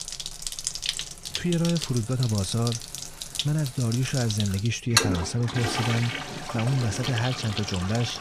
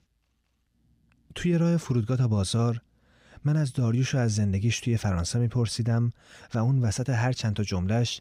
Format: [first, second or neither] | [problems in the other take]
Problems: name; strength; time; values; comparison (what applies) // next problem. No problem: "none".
second | household noises; loud; throughout; 3 dB below the speech